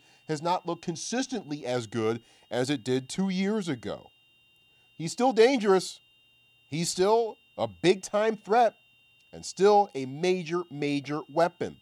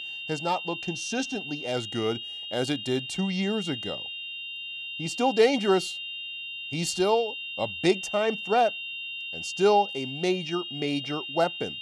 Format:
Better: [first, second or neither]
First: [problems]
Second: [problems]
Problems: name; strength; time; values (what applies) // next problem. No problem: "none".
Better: first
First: high-pitched whine; faint; throughout; 3 kHz, 35 dB below the speech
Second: high-pitched whine; loud; throughout; 3 kHz, 6 dB below the speech